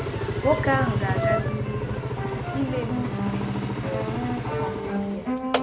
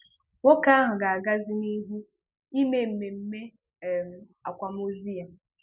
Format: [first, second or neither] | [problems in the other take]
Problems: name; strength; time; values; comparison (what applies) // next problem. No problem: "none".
second | background sound (Engine); 5 dB above the speech